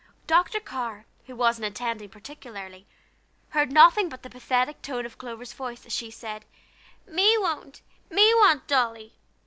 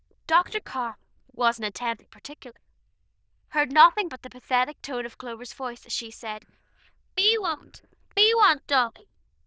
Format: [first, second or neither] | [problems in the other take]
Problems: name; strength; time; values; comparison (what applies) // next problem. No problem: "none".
first | noise reduction (neural diffusion model UNIVERSE++)